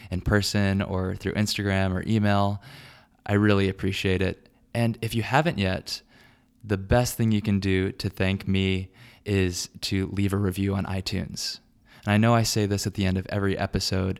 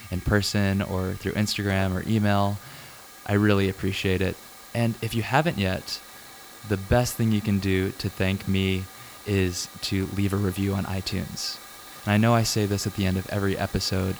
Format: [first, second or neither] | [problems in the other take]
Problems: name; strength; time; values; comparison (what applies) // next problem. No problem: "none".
first | hiss; noticeable; throughout; 15 dB below the speech